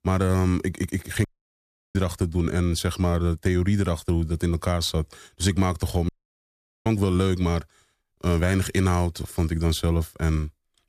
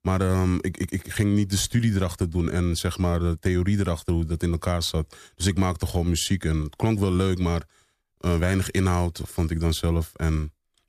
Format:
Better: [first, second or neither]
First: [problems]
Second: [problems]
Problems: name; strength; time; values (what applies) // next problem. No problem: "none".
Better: second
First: audio cutting out; at 1.5 s for 0.5 s and at 6 s for 1 s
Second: none